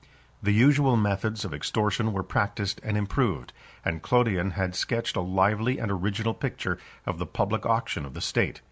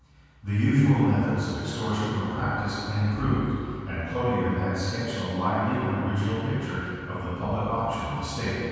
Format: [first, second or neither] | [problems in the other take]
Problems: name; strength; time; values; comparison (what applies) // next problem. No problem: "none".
first | room echo; dies away in 2.1 s